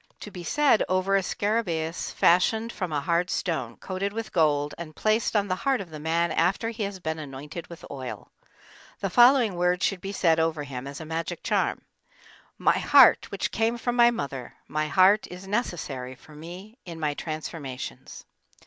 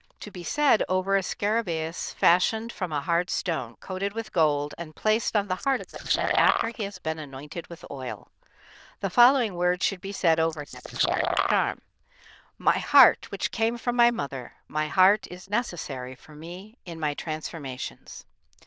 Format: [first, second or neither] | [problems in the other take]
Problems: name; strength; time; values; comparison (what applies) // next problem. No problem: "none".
first | noise reduction (neural diffusion model UNIVERSE++)